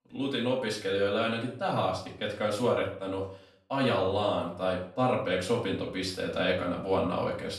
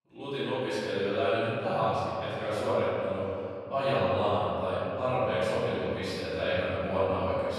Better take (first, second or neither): first